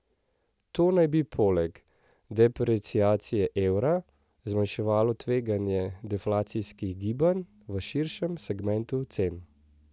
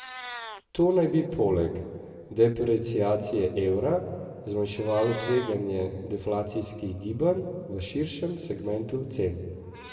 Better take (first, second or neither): first